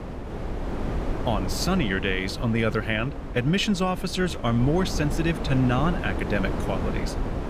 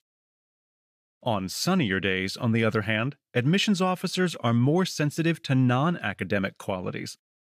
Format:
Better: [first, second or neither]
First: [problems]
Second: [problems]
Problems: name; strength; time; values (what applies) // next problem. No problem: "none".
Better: second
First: wind noise on the microphone; heavy; 8 dB below the speech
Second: none